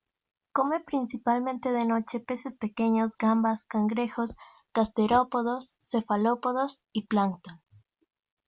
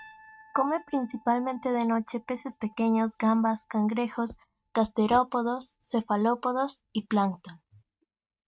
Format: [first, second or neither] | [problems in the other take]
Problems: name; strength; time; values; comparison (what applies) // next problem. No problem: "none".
first | noise reduction (neural mask model RNNoise)